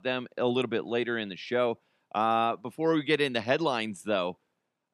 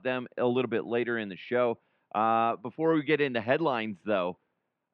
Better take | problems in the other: first | muffled; slightly; fading above 2.5 kHz

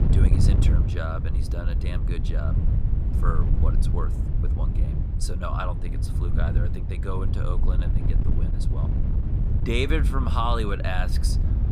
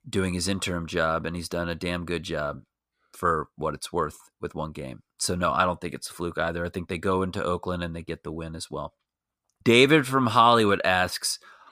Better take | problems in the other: second | wind noise on the microphone; heavy; 6 dB below the speech

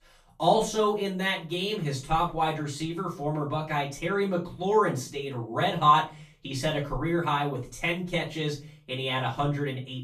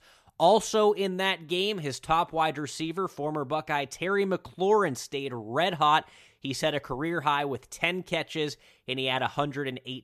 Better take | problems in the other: second | off-mic speech; far // room echo; slight; dies away in 0.3 s

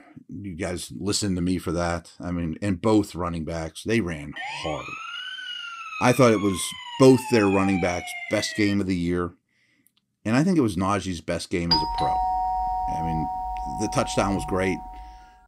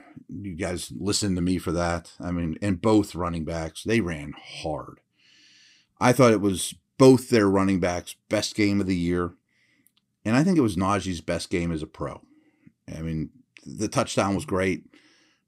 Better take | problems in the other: second | siren; noticeable; from 4.5 to 9 s; peak 6 dB below the speech // doorbell; loud; from 12 to 15 s; peak 2 dB above the speech

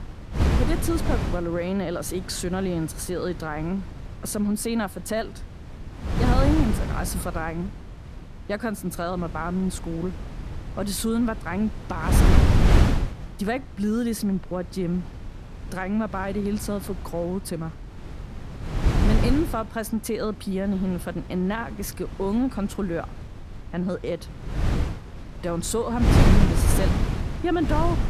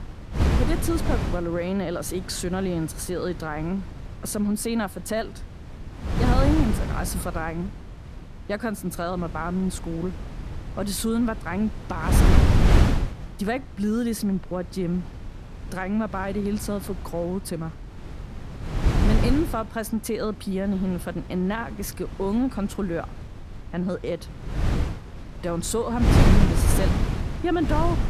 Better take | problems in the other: neither | wind noise on the microphone; heavy; 3 dB below the speech; the same in both

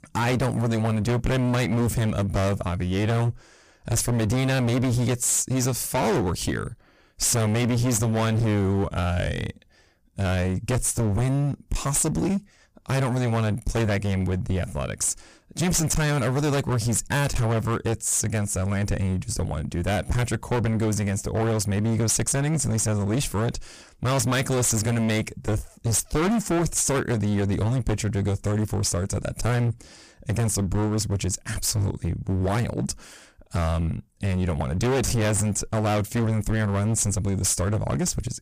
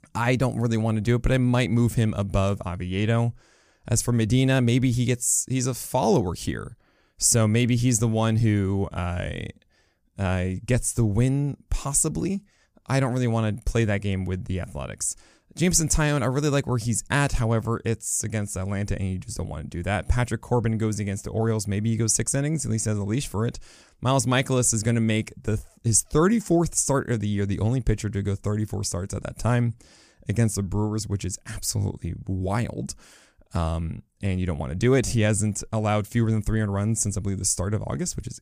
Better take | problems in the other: second | distortion; heavy; 26% of the sound clipped

